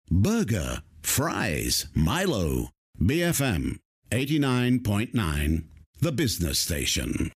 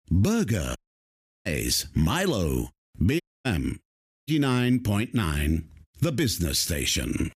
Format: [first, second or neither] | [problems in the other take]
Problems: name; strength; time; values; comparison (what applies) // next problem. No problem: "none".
first | audio cutting out; at 1 s for 0.5 s, at 3 s and at 4 s